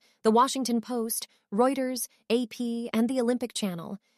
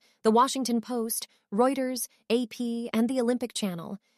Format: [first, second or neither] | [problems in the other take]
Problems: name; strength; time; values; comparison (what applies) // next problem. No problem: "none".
neither | none